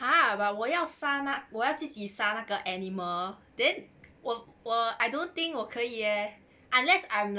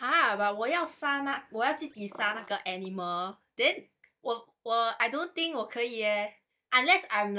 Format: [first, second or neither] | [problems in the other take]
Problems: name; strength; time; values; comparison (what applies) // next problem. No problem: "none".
first | noise reduction (neural mask model DeepFilterNet 3)